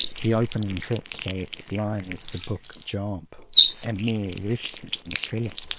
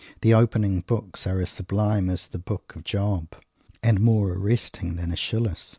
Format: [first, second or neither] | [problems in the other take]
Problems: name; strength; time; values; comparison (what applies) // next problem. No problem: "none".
second | noise reduction (neural separator model SepFormer WHAM!)